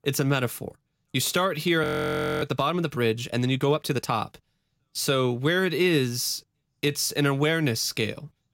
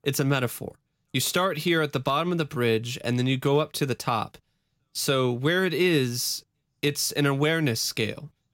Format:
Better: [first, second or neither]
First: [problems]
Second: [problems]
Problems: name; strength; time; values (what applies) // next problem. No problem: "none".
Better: second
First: audio freezing; at 2 s for 0.5 s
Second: none